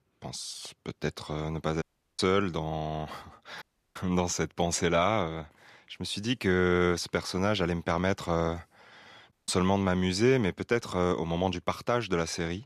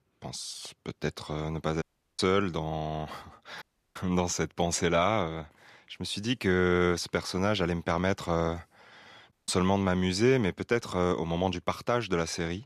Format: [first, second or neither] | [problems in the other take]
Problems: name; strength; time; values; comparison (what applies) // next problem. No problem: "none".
neither | audio cutting out; at 2 s, at 3.5 s and at 9.5 s; the same in both